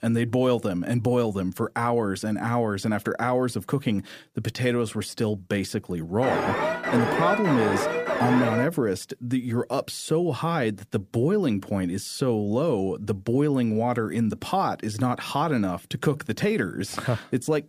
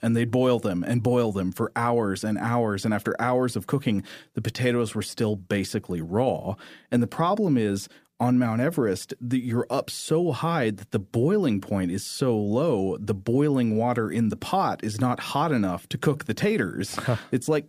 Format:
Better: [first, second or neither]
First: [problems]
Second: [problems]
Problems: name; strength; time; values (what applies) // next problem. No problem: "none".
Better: second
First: alarm; loud; from 6 to 8.5 s; peak 1 dB above the speech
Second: none